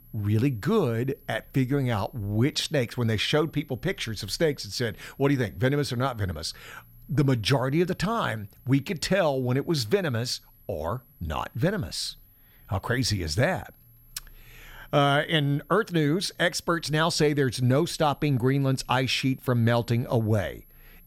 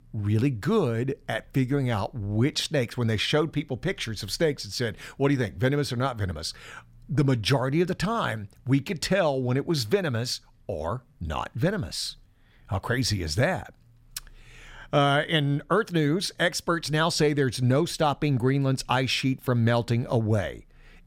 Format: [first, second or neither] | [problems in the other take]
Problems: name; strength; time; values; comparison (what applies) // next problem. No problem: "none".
second | high-pitched whine; faint; throughout; 11.5 kHz, 30 dB below the speech